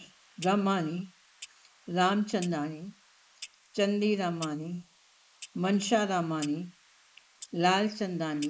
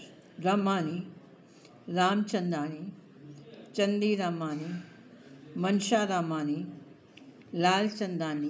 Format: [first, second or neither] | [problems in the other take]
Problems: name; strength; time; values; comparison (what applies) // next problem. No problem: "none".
second | noise reduction (neural mask model Resemble Enhance denoiser)